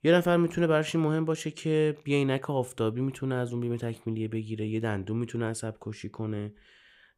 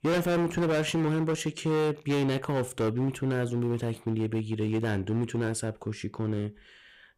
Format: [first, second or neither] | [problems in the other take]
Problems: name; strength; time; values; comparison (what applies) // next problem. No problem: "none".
first | distortion; heavy; 15% of the sound clipped